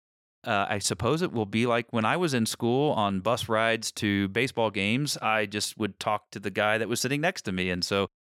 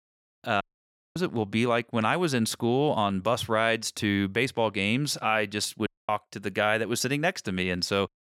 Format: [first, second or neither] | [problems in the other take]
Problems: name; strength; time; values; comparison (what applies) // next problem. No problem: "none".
first | audio cutting out; at 0.5 s for 0.5 s and at 6 s